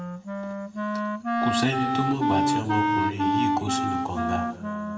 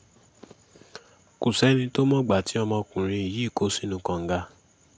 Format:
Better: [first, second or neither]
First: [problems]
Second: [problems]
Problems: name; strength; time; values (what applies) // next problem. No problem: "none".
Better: second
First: background sound (Wind instrument, woodwind instrument); 4 dB above the speech // room echo; dies away in 2 s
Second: none